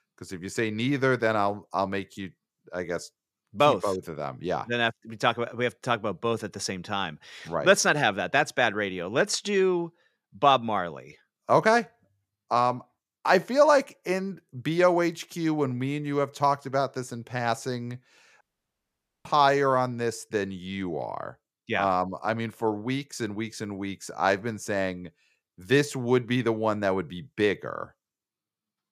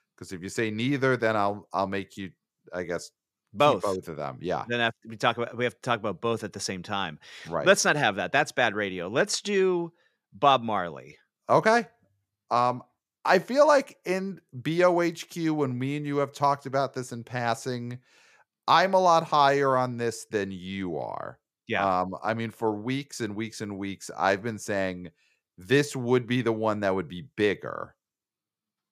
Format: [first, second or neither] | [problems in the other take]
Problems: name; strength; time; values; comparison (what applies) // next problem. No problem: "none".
second | audio cutting out; at 18 s for 1 s